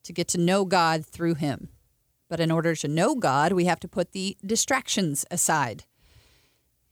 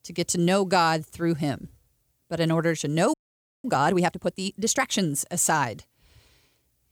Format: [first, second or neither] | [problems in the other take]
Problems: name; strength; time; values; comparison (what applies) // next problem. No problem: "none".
first | audio freezing; at 3 s for 0.5 s